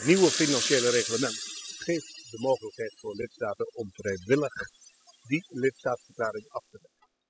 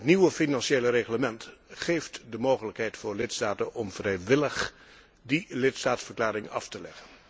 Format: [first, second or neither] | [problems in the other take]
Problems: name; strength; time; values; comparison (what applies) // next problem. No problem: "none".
second | noise reduction (classical method spectral subtraction)